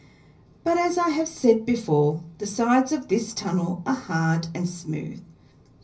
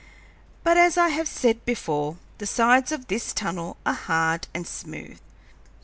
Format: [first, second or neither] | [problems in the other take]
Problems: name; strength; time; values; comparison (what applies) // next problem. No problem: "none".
second | room echo; dies away in 0.5 s